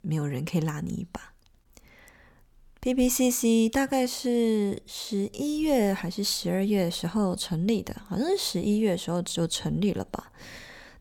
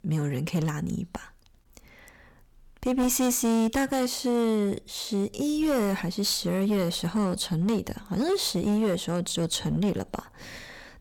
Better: first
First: none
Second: distortion; slight; 9% of the sound clipped

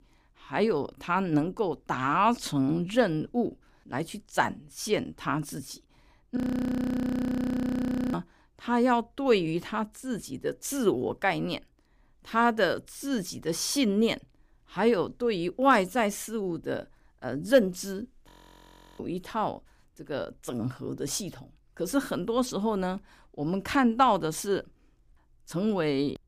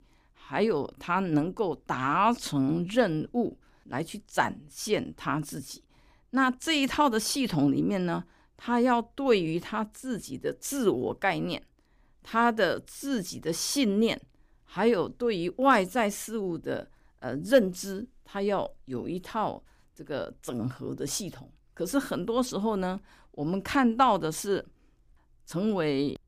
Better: second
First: audio freezing; at 6.5 s for 2 s and at 18 s for 0.5 s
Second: none

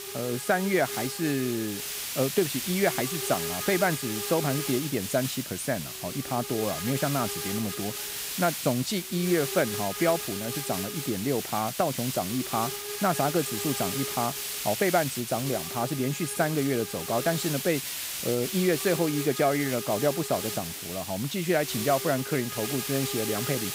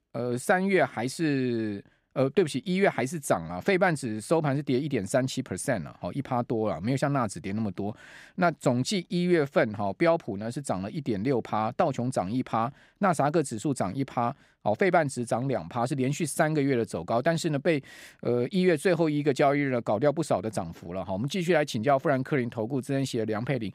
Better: second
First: hiss; loud; throughout; 4 dB below the speech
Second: none

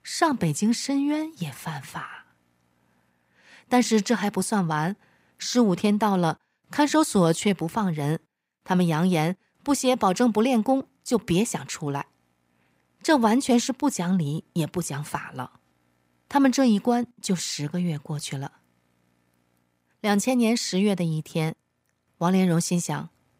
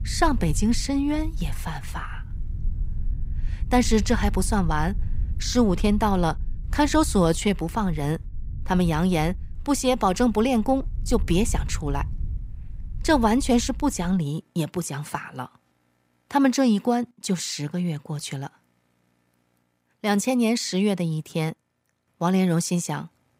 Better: first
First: none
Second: low rumble; faint; until 14 s; 25 dB below the speech

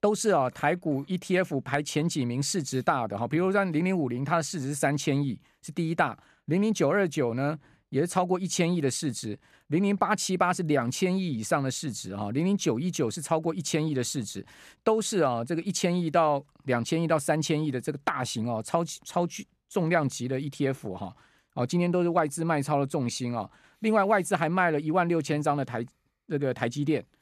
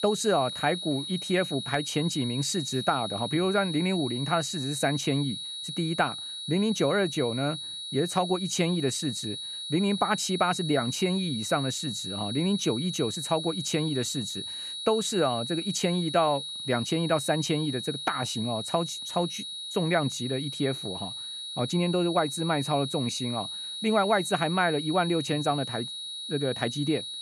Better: first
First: none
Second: high-pitched whine; loud; throughout; 4 kHz, 6 dB below the speech

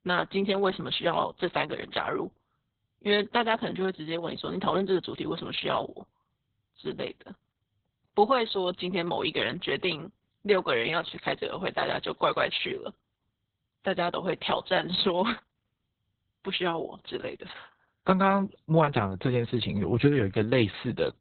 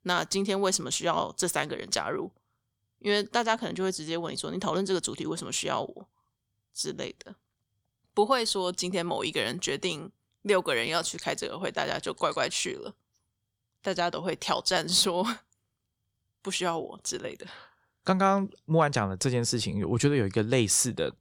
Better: second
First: garbled, watery; badly; nothing above 4 kHz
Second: none

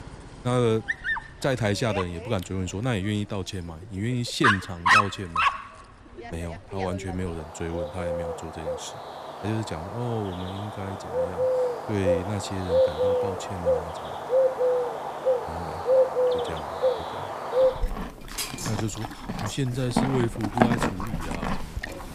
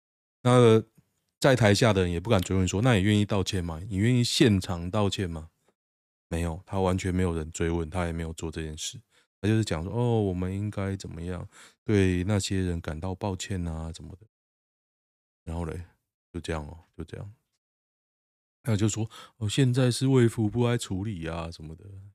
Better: second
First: animal sounds; very loud; throughout; 4 dB above the speech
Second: none

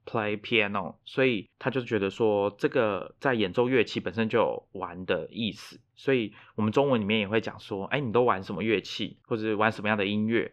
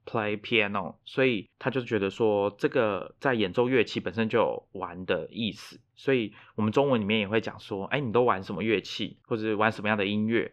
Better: neither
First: muffled; slightly; fading above 3.5 kHz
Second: muffled; slightly; fading above 3.5 kHz

